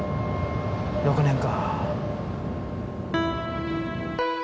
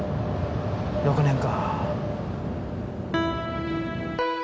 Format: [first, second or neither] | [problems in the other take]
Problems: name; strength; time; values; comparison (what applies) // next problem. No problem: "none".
second | background sound (Wind instrument, woodwind instrument); 19 dB below the speech